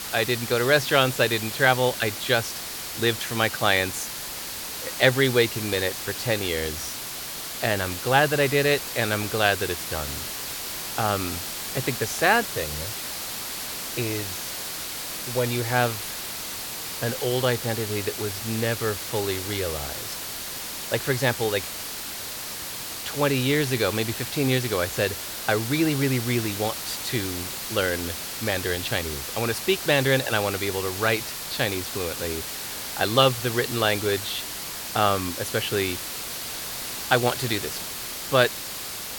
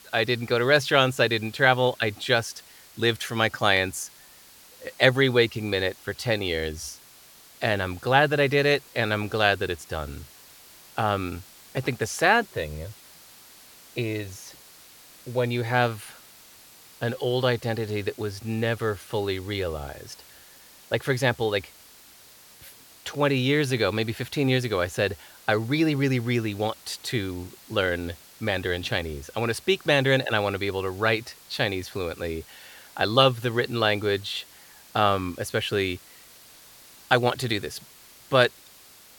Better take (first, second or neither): second